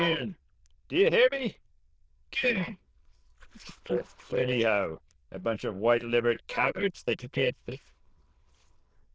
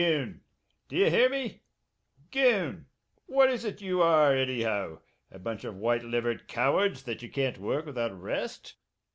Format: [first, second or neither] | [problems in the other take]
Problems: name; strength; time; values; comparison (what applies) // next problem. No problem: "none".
second | noise reduction (neural diffusion model UNIVERSE++)